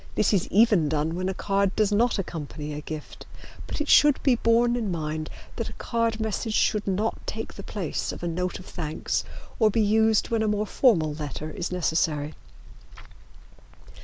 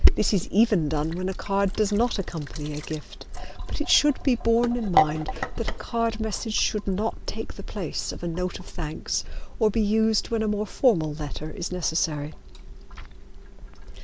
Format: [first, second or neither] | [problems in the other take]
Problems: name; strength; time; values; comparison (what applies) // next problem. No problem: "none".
first | background sound (Sink (filling or washing)); 5 dB below the speech